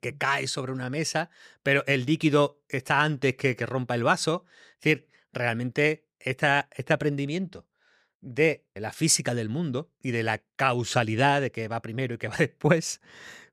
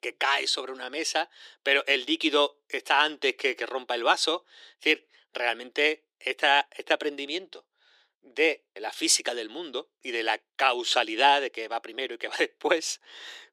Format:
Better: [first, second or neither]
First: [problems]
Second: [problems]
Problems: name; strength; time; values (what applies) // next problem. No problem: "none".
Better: first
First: none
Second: thin; very; fading below 350 Hz